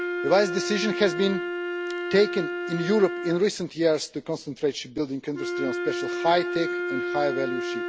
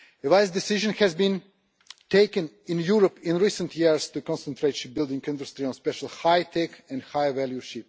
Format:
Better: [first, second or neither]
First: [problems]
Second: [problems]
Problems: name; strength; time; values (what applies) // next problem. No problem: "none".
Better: second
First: background sound (Wind instrument, woodwind instrument); 4 dB below the speech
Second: none